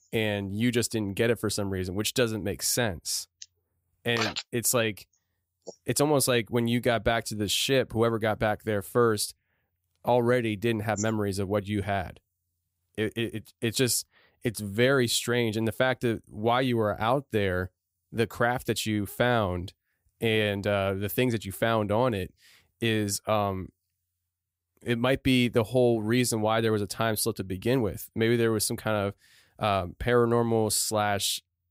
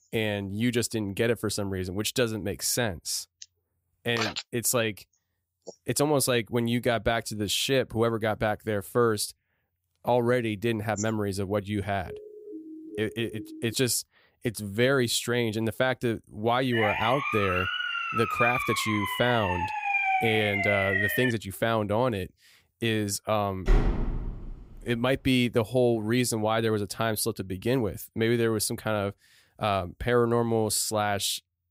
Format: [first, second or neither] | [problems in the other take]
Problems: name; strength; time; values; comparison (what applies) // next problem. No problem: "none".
first | siren; faint; from 12 to 14 s; peak 15 dB below the speech // siren; loud; from 17 to 21 s; peak 3 dB above the speech // door banging; loud; at 24 s; peak level with the speech